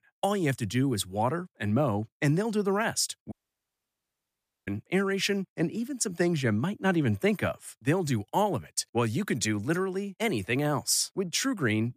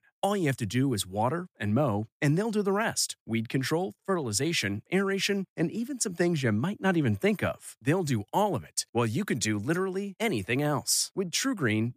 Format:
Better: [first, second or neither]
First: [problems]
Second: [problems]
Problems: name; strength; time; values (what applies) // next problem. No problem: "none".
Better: second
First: audio cutting out; at 3.5 s for 1.5 s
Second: none